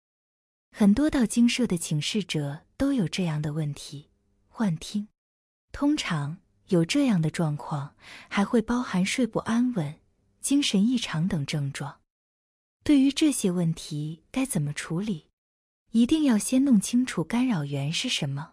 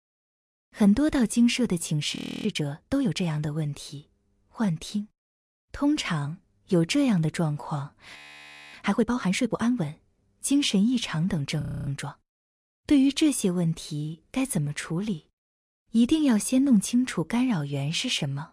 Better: first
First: none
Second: audio freezing; at 2 s, at 8 s for 0.5 s and at 12 s

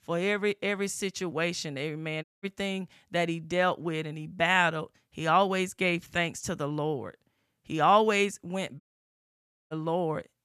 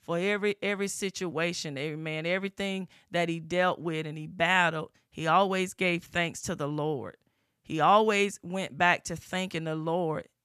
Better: second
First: audio cutting out; at 2 s and at 9 s for 1 s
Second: none

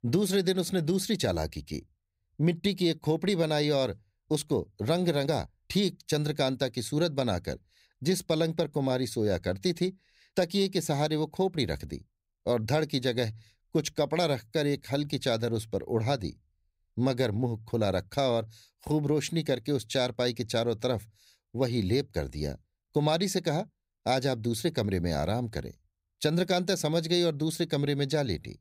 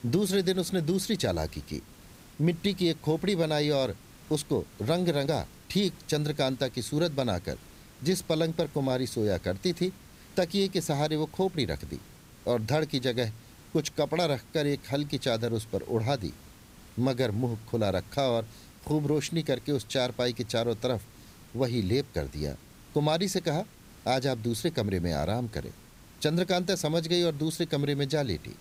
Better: first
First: none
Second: hiss; faint; throughout; 20 dB below the speech

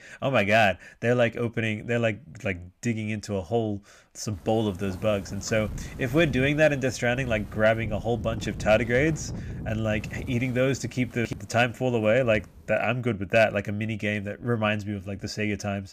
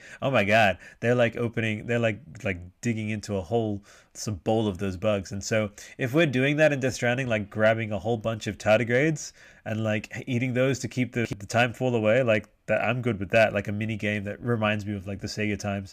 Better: second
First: wind noise on the microphone; occasional gusts; from 4.5 to 13 s; 20 dB below the speech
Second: none

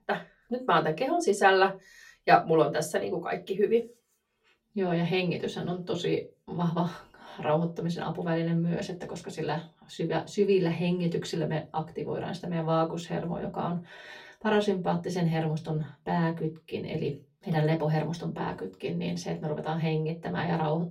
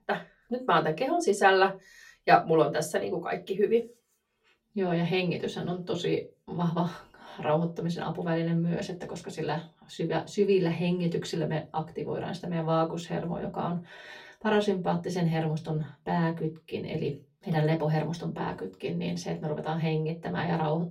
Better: neither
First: off-mic speech; far // room echo; very slight; dies away in 0.2 s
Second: off-mic speech; far // room echo; very slight; dies away in 0.2 s

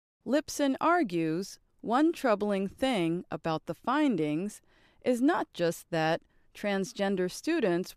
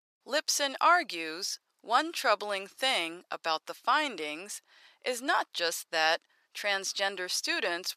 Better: first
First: none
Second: thin; very; fading below 950 Hz

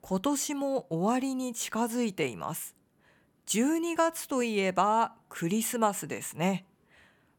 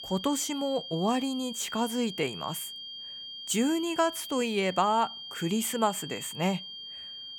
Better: first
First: none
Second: high-pitched whine; loud; throughout; 3 kHz, 9 dB below the speech

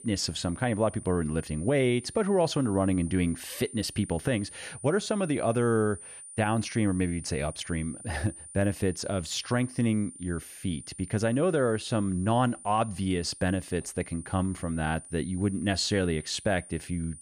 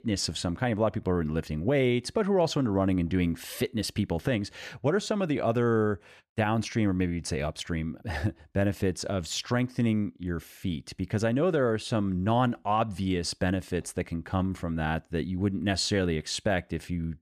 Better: second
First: high-pitched whine; noticeable; throughout; 9.5 kHz, 15 dB below the speech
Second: none

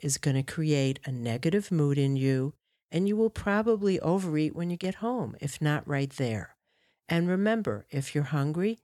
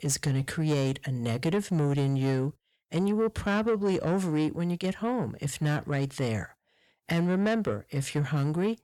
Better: first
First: none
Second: distortion; slight; 10 dB below the speech

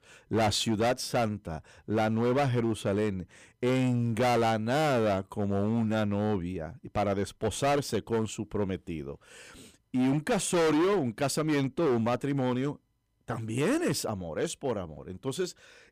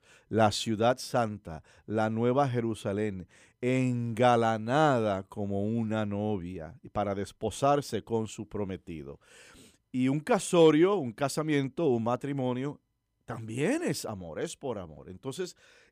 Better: second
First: distortion; heavy; 12% of the sound clipped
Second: none

